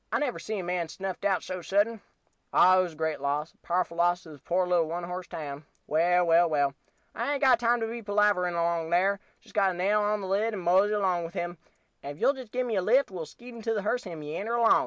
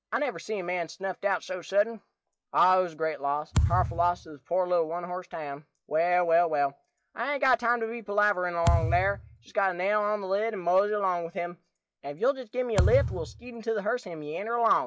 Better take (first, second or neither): first